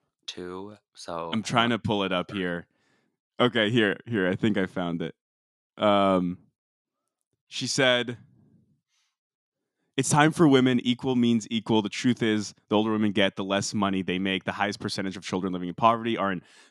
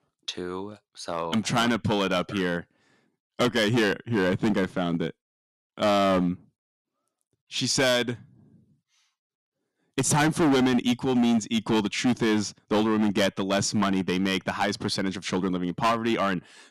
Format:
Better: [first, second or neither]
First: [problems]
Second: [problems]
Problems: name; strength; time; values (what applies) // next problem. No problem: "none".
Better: first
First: none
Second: distortion; heavy; 9% of the sound clipped